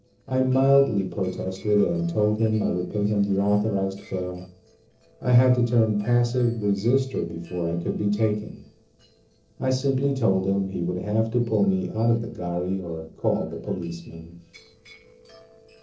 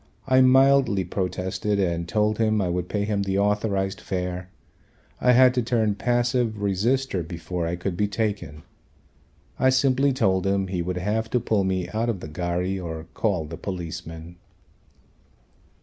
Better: second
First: noise reduction (neural separator model SepFormer DNS4)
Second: none

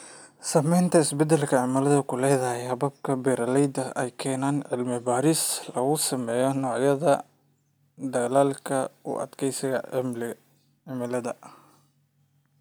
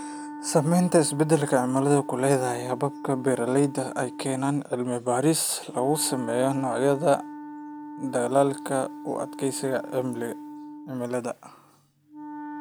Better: first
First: none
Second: background sound (Wind instrument, woodwind instrument); 13 dB below the speech

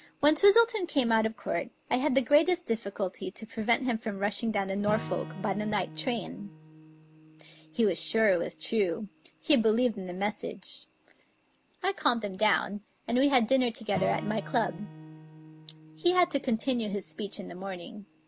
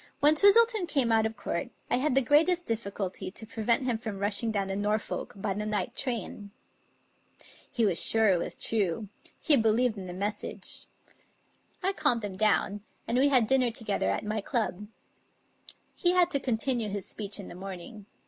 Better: second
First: background sound (Acoustic guitar / Strum); 18 dB below the speech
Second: none

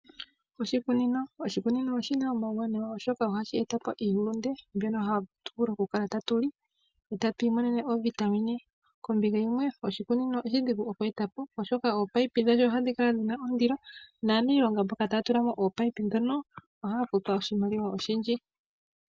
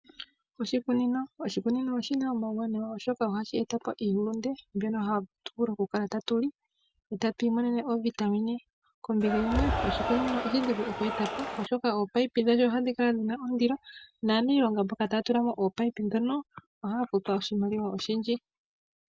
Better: first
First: none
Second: background sound (Cheering); 3 dB below the speech

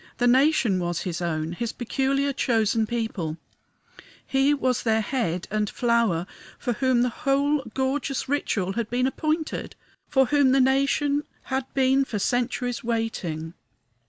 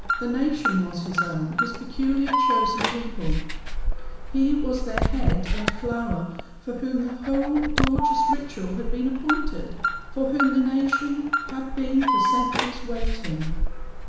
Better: first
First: none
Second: background sound (Alarm); 1 dB above the speech // room echo; dies away in 1 s

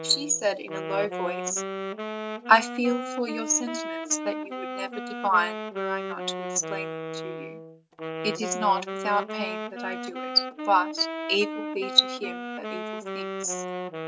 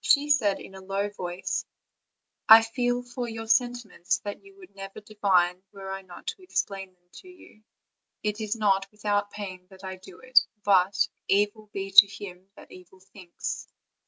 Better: second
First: background sound (Wind instrument, woodwind instrument); 5 dB below the speech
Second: none

